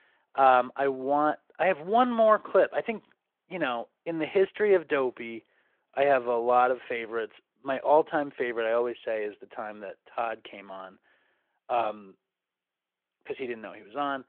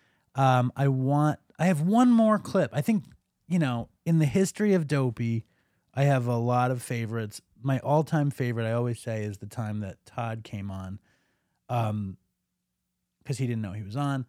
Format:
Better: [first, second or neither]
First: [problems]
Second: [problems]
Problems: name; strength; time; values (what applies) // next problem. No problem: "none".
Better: second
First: phone-call audio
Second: none